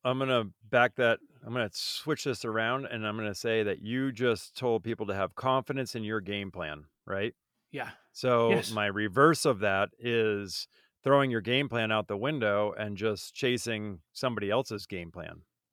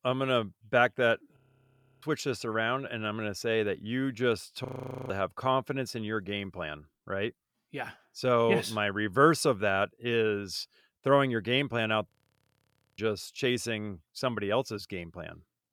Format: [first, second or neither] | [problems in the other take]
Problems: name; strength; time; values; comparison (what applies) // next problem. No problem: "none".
first | audio freezing; at 1.5 s for 0.5 s, at 4.5 s and at 12 s for 1 s